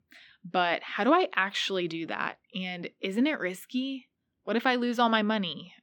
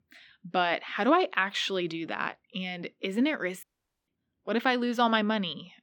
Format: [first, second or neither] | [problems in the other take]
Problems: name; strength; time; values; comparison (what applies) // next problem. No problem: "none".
first | audio cutting out; at 3.5 s